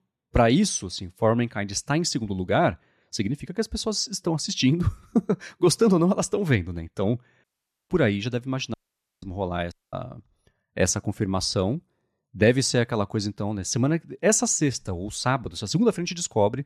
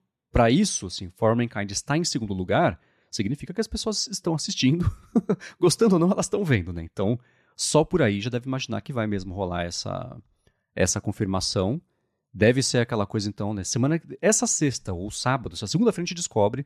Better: second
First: audio cutting out; at 7.5 s, at 8.5 s and at 9.5 s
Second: none

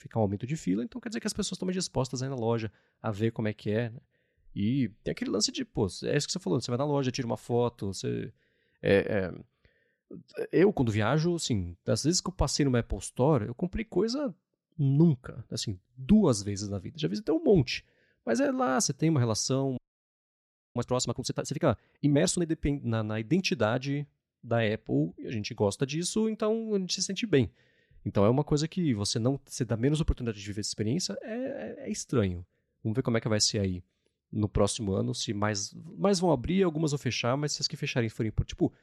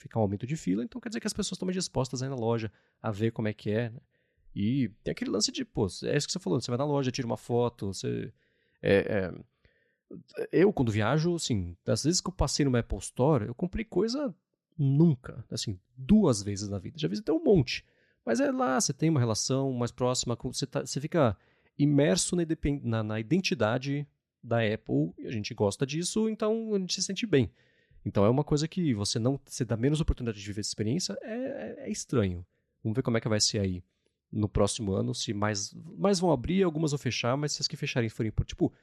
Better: second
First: audio freezing; at 20 s for 1 s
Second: none

